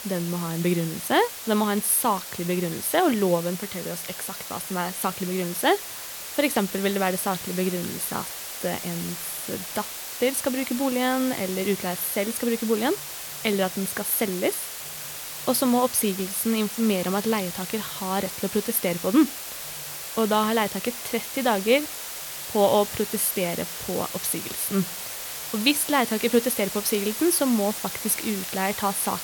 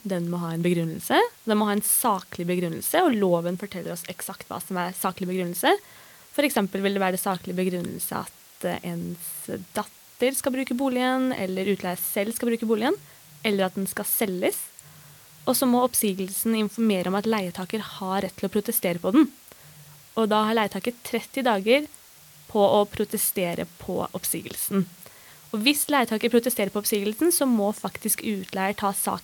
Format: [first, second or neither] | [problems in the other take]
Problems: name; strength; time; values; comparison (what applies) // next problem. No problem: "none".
second | hiss; loud; throughout; 7 dB below the speech; faint in the second